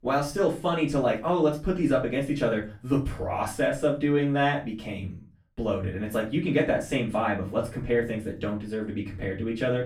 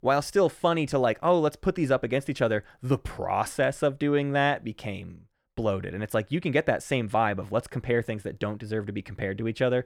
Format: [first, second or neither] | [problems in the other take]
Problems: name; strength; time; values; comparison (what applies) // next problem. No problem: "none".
second | off-mic speech; far // room echo; slight; dies away in 0.3 s